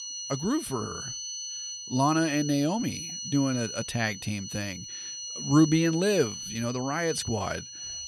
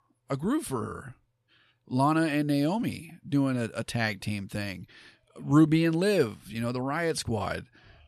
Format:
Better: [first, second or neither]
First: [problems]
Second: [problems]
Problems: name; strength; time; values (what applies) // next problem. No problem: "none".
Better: second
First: high-pitched whine; loud; throughout; 6 kHz, 8 dB below the speech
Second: none